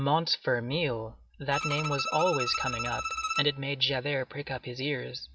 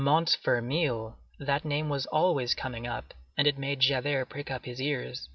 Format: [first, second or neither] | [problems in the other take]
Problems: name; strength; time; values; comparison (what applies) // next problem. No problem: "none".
second | background sound (Bowed string instrument); 4 dB below the speech